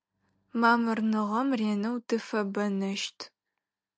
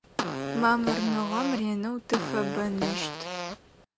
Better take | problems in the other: first | background sound (Fart); 4 dB below the speech

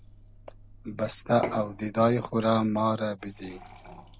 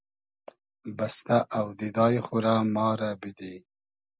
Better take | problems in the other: second | background sound (Fill (with liquid) / Glass / Water); 14 dB below the speech

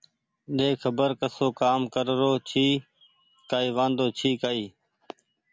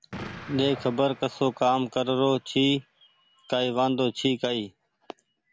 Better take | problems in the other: first | background sound (Explosion); 19 dB below the speech

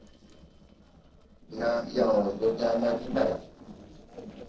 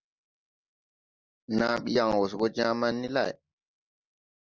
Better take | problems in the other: second | noise reduction (neural separator model SepFormer DNS4)

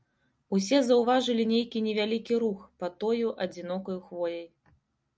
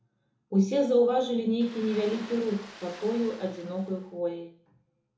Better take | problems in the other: first | background sound (Ocean); 18 dB below the speech // room echo; dies away in 0.8 s

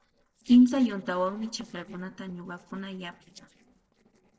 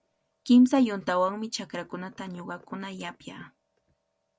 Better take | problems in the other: second | noise reduction (neural separator model SepFormer DNS4)

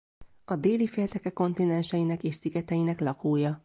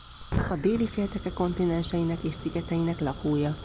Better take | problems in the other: first | background sound (Fire); 8 dB below the speech

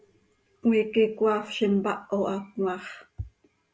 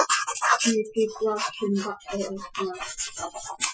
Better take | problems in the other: first | noise reduction (classical method Wiener filter)

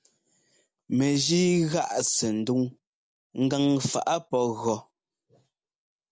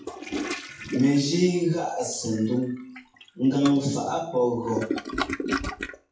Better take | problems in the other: first | noise reduction (classical method WPE with log-MMSE)

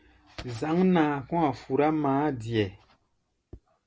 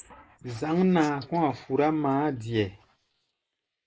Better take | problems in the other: first | noise reduction (neural mask model Resemble Enhance denoiser)

